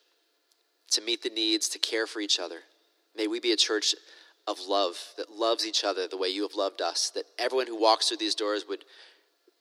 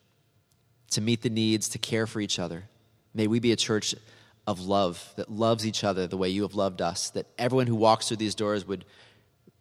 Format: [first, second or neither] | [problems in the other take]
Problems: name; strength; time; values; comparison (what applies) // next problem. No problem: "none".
second | thin; very; fading below 300 Hz